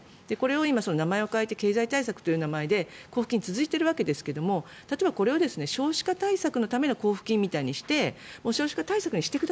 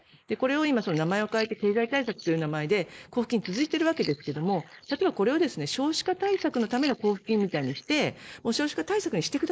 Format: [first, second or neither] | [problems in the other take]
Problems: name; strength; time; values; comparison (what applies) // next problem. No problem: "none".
first | noise reduction (neural mask model Resemble Enhance denoiser)